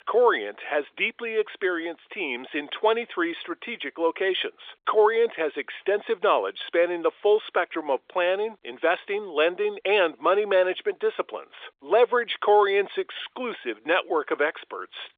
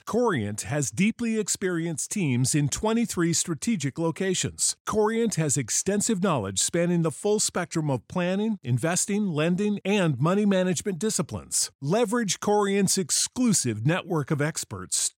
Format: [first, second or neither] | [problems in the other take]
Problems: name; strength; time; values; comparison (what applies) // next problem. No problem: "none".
second | phone-call audio; nothing above 3.5 kHz